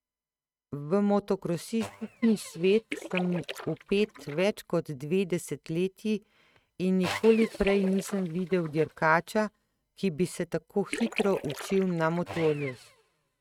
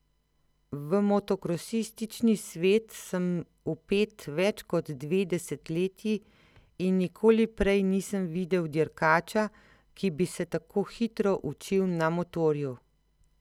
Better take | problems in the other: second | noise reduction (neural mask model RNNoise)

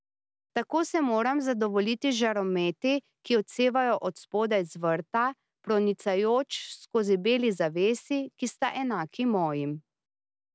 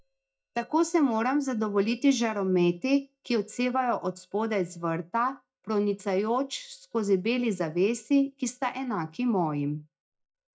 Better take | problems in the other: first | noise reduction (neural mask model DeepFilterNet 3)

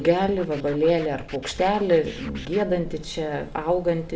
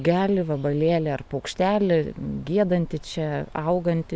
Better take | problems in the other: second | background sound (Scratching (performance technique)); 19 dB below the speech // room echo; dies away in 0.6 s

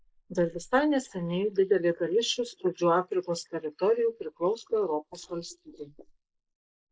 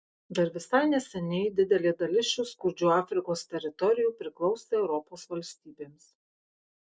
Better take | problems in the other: second | noise reduction (neural mask model Resemble Enhance denoiser)

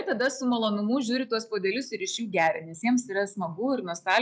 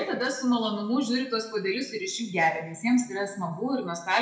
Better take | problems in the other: first | room echo; dies away in 0.6 s

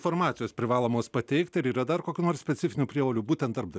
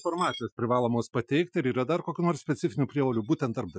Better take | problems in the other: first | noise reduction (classical method Wiener filter)

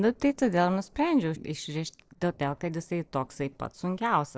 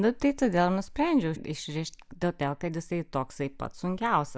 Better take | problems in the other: second | noise reduction (neural separator model SepFormer DNS4)

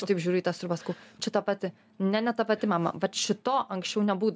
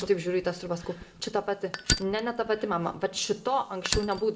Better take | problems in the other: first | background sound (Fire); 7 dB below the speech // room echo; dies away in 1.2 s

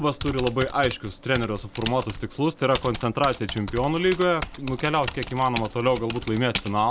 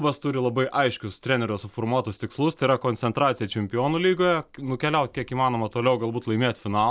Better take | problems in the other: second | background sound (Typing); 11 dB below the speech

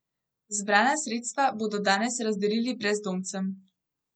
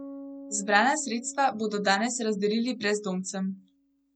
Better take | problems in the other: first | background sound (Bass guitar); 18 dB below the speech

